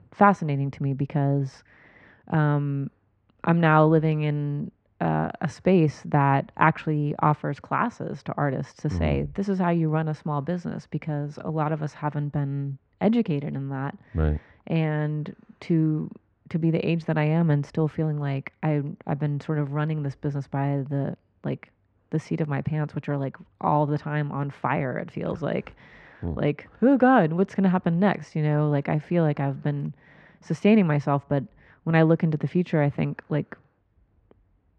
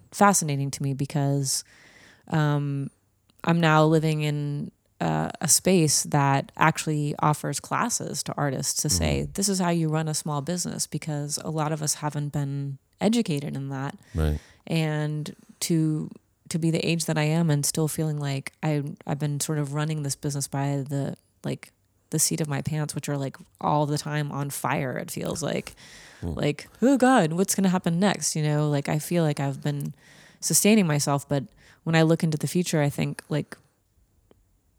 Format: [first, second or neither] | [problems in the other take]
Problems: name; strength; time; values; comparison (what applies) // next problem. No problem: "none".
second | muffled; very; fading above 2 kHz